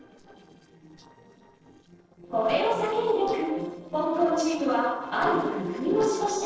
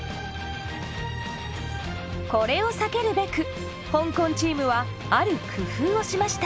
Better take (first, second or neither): second